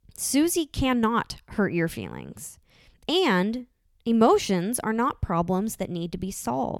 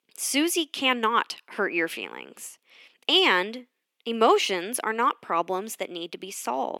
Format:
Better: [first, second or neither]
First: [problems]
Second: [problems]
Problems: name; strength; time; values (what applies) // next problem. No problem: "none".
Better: first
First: none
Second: thin; somewhat; fading below 300 Hz